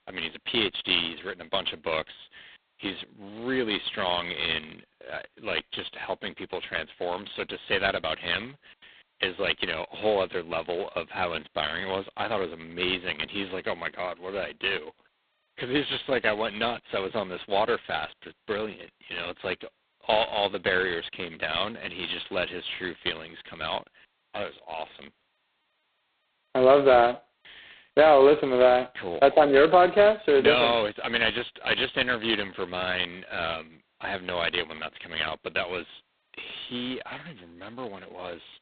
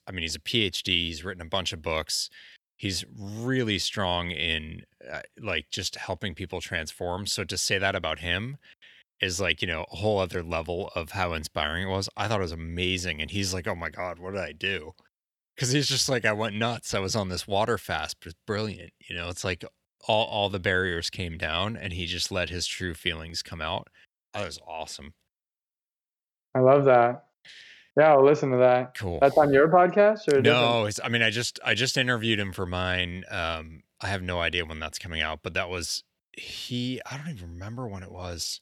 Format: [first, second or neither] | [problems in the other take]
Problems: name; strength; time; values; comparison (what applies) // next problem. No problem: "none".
second | phone-call audio; poor line; nothing above 3.5 kHz